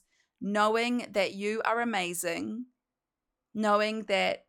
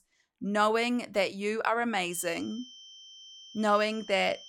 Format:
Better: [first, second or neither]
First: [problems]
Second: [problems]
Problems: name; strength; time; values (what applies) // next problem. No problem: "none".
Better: first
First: none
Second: high-pitched whine; noticeable; from 2 s on; 3 kHz, 20 dB below the speech